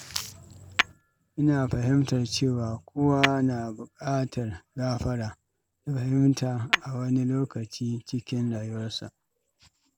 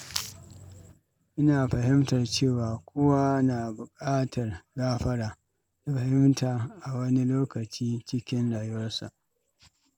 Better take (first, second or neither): second